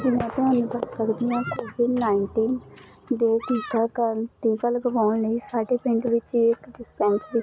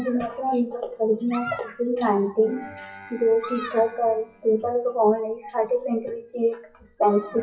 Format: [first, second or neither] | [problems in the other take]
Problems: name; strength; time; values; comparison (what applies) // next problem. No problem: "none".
first | noise reduction (classical method WPE with log-MMSE)